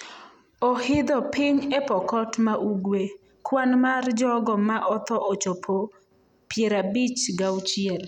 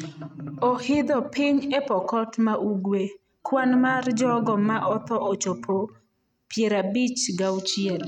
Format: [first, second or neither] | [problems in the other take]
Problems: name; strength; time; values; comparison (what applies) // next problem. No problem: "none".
first | noise reduction (neural mask model RNNoise)